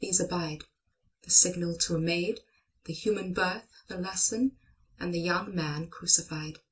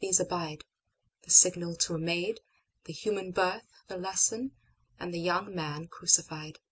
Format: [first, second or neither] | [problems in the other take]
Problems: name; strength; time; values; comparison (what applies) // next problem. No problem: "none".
second | room echo; dies away in 0.2 s